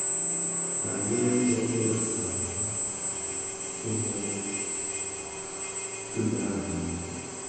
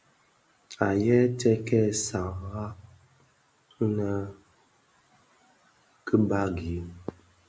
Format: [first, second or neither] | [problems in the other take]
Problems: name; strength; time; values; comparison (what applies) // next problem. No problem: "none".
second | background sound (Drill); 2 dB above the speech // room echo; dies away in 2 s